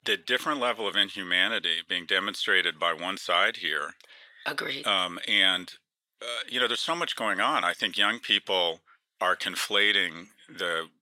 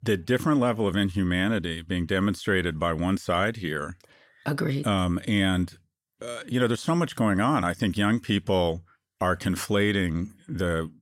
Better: second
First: thin; very; fading below 500 Hz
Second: none

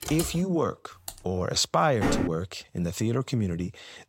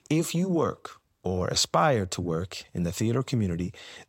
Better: second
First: keyboard typing; noticeable; at the start; peak 6 dB below the speech // keyboard typing; faint; at 1 s; peak 15 dB below the speech // door banging; loud; at 2 s; peak level with the speech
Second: none

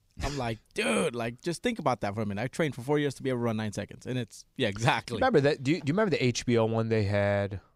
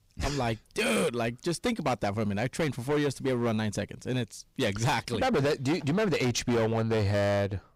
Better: first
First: none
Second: distortion; heavy; 15% of the sound clipped

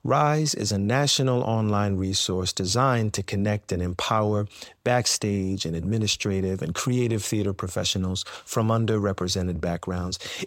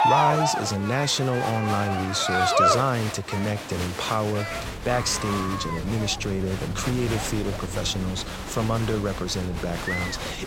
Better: first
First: none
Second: crowd noise; loud; throughout; 1 dB below the speech

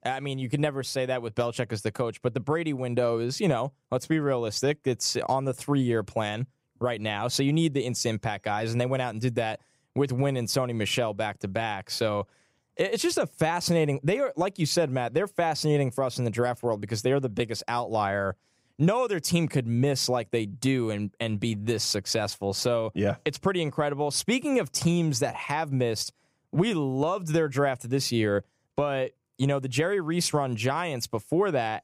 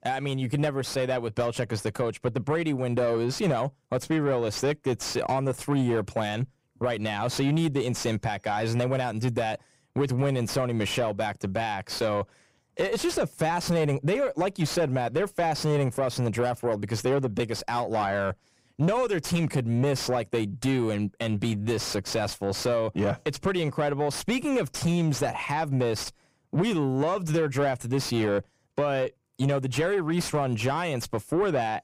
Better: first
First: none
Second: distortion; slight; 10 dB below the speech

